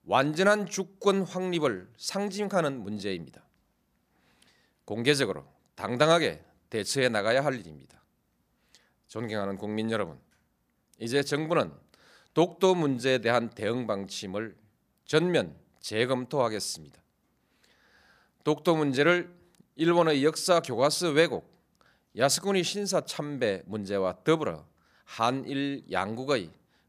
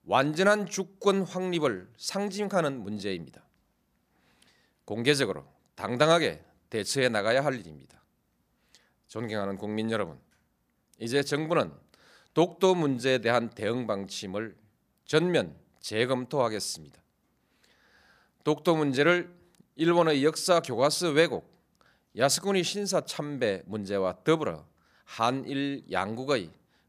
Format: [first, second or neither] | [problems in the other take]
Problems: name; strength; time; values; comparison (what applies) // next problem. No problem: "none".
neither | none